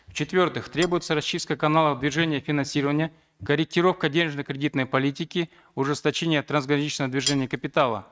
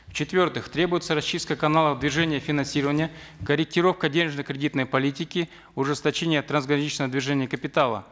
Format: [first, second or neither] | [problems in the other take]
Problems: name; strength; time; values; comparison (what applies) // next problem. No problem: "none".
second | noise reduction (neural mask model RNNoise)